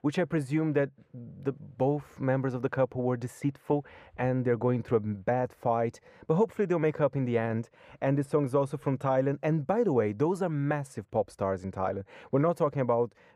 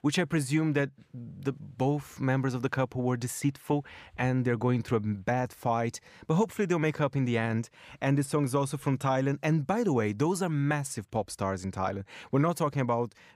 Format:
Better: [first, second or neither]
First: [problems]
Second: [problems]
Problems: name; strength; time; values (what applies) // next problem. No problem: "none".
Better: second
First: muffled; slightly; fading above 2.5 kHz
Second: none